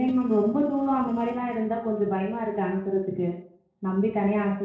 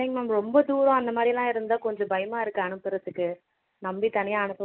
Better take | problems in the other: second | noise reduction (neural separator model SepFormer DNS4)

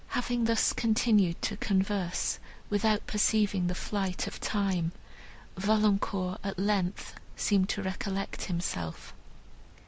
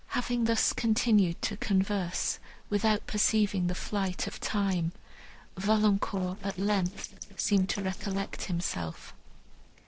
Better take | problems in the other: first | noise reduction (neural separator model SepFormer DNS4)

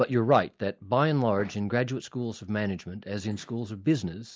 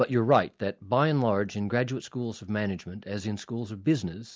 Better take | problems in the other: second | noise reduction (neural mask model Resemble Enhance denoiser)

